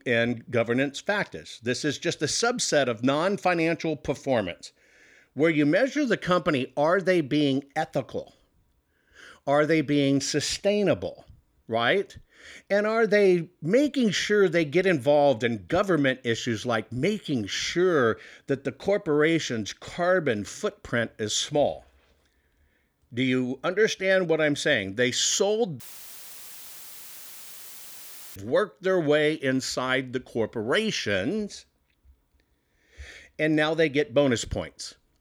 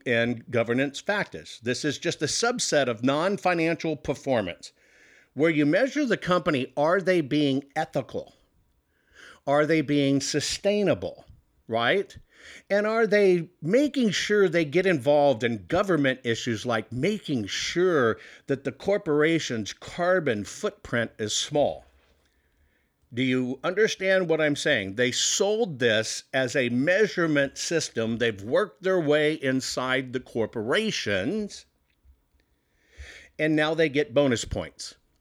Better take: second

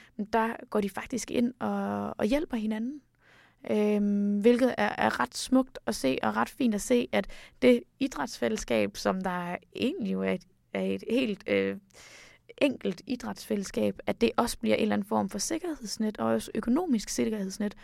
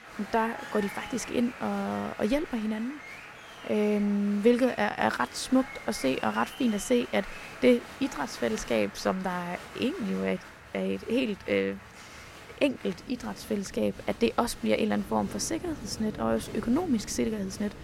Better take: first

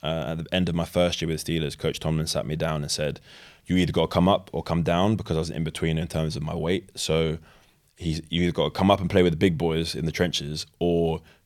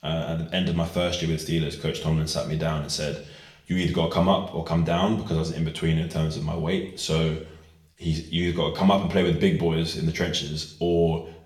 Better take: first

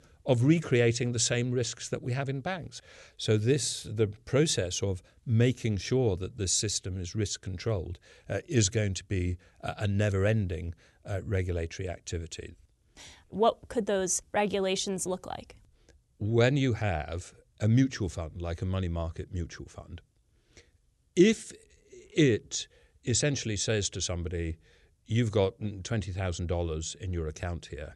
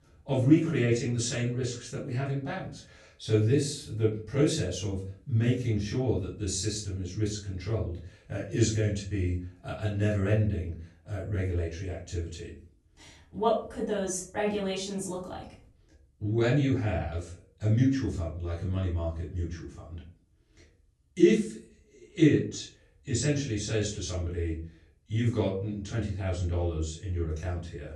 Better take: first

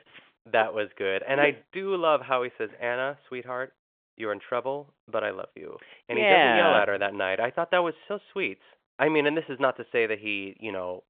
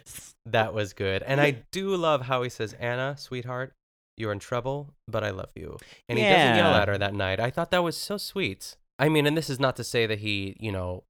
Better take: second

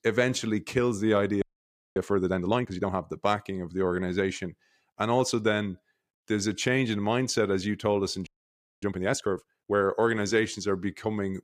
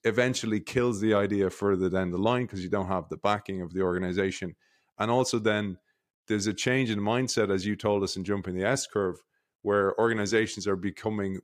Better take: second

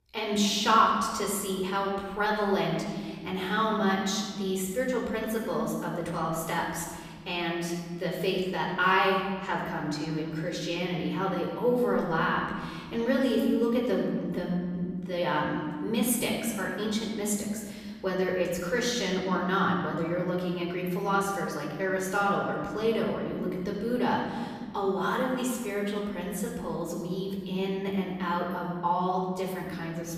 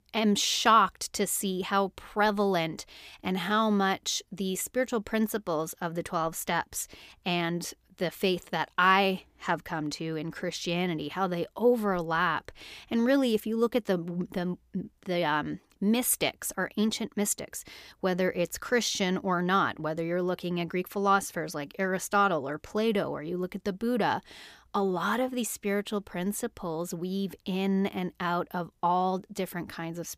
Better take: second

